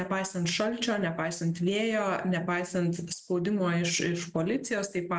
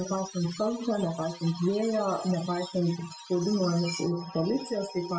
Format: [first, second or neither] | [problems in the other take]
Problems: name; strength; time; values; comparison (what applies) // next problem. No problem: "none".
first | noise reduction (classical method Wiener filter)